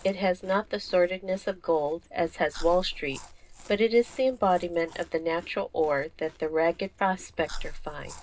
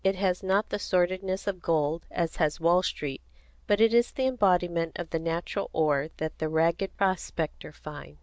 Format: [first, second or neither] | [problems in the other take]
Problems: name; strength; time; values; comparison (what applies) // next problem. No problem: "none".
second | background sound (Chewing, mastication); 15 dB below the speech // room echo; dies away in 0.2 s